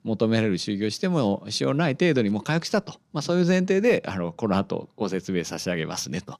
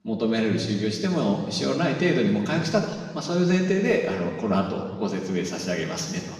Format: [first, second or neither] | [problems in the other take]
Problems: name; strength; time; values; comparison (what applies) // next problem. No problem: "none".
first | room echo; noticeable; dies away in 1.5 s // off-mic speech; far